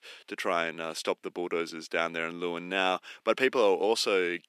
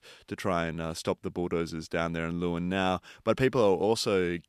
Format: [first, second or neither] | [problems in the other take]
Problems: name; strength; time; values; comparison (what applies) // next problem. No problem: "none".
second | thin; somewhat; fading below 300 Hz